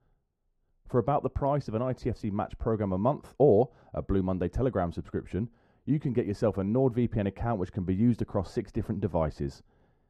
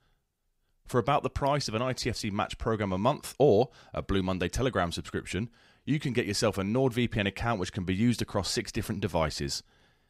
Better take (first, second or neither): second